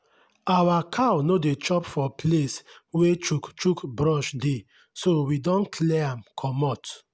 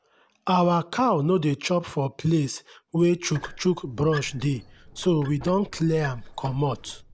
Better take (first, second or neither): first